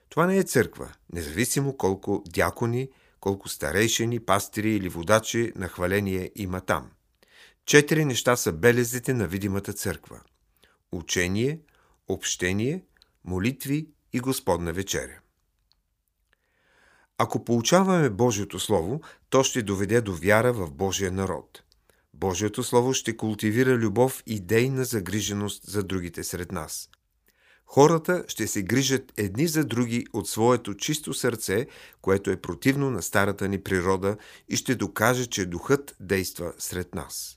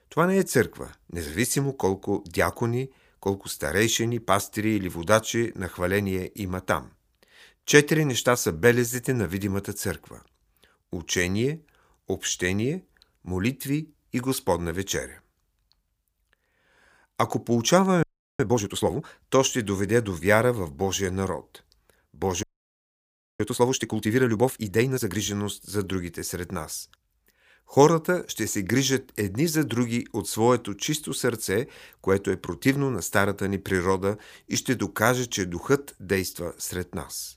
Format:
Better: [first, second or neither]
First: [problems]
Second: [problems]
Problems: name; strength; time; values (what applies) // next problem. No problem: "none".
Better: first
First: none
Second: audio freezing; at 18 s and at 22 s for 1 s